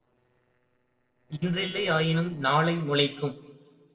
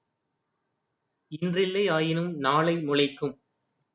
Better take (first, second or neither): second